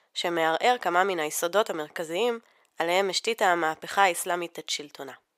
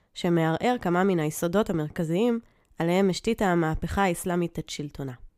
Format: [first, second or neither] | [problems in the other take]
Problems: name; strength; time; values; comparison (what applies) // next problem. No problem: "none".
second | thin; very; fading below 650 Hz